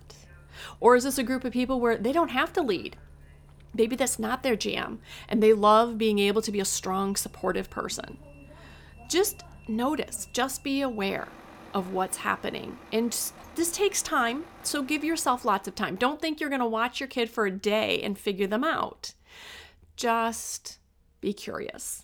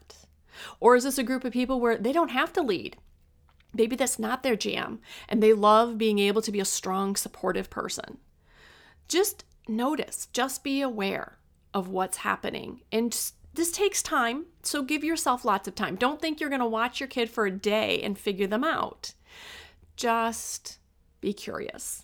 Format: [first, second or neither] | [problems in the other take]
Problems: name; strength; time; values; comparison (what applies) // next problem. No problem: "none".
second | traffic noise; faint; until 16 s; 25 dB below the speech